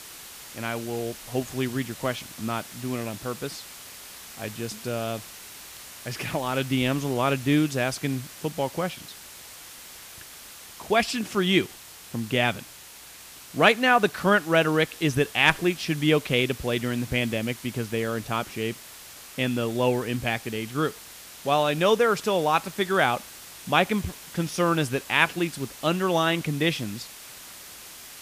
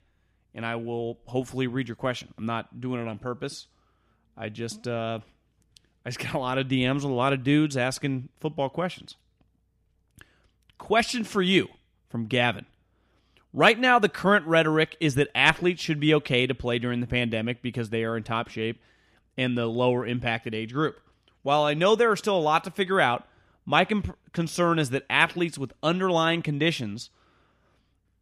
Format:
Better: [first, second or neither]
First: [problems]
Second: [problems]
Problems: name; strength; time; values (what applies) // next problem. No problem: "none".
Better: second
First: hiss; noticeable; throughout; 15 dB below the speech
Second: none